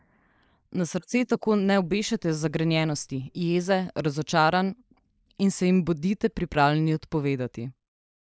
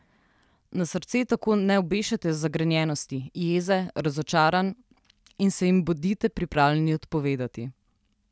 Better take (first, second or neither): second